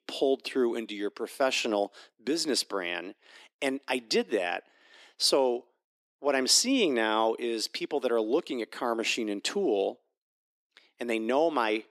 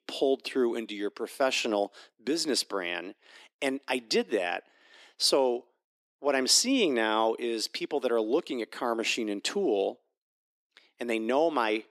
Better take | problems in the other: neither | thin; somewhat; fading below 250 Hz; the same in both

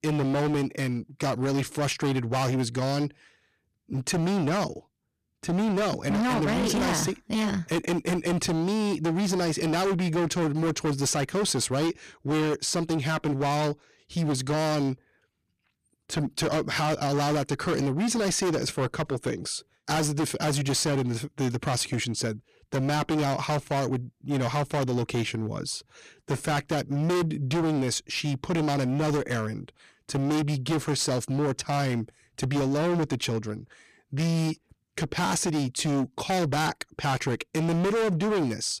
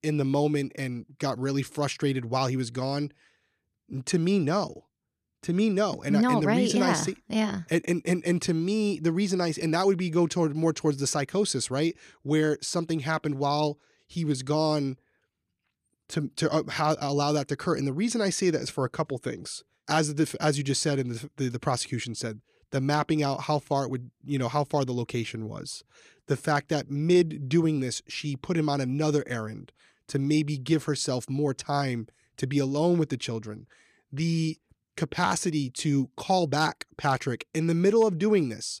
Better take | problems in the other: second | distortion; heavy; 25% of the sound clipped

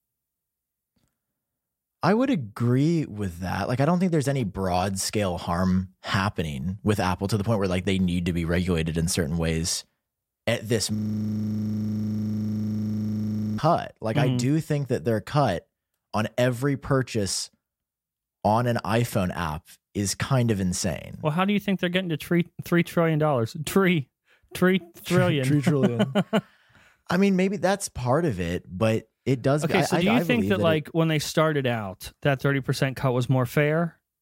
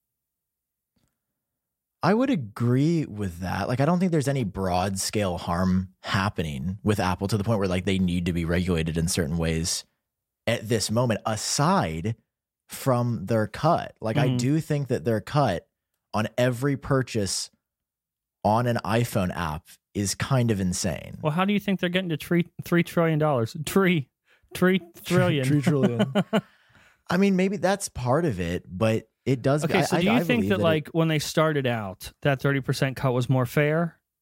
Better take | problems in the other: second | audio freezing; at 11 s for 2.5 s

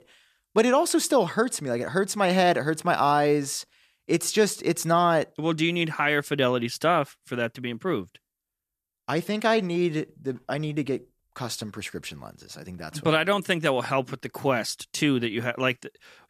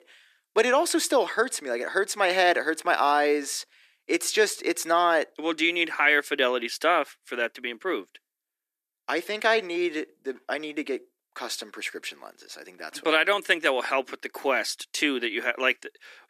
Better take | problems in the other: first | thin; somewhat; fading below 300 Hz

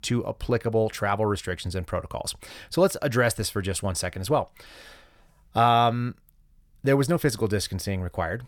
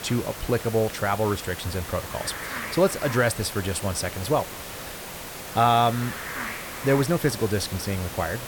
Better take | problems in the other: first | hiss; loud; throughout; 9 dB below the speech

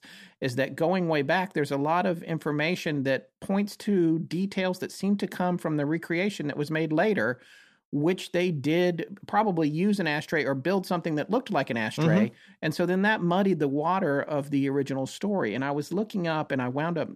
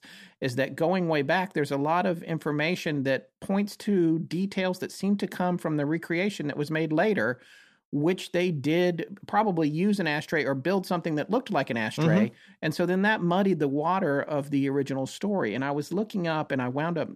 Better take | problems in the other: neither | none

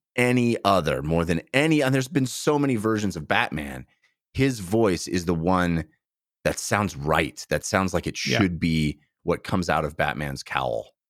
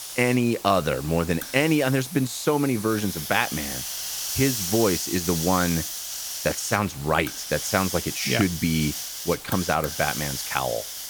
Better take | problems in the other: first | hiss; loud; throughout; 6 dB below the speech

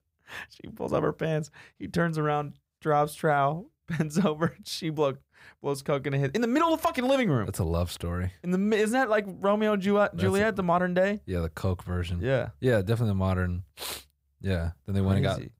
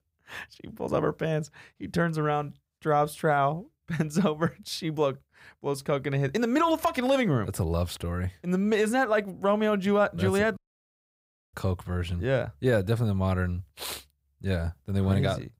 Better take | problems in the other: first | audio cutting out; at 11 s for 1 s

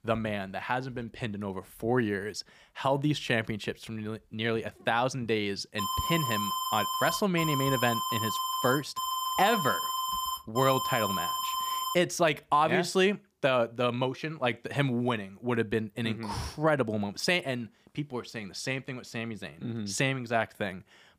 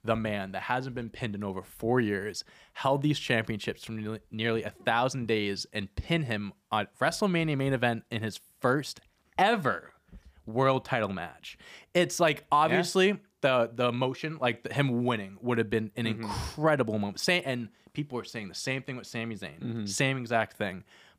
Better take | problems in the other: second | alarm; noticeable; from 6 to 12 s; peak level with the speech

